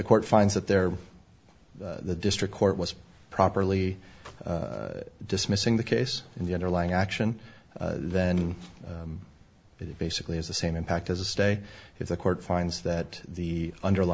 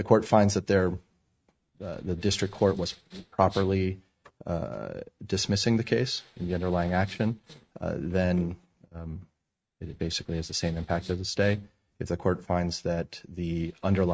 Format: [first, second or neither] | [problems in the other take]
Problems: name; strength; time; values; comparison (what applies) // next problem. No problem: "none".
first | noise reduction (neural mask model RNNoise)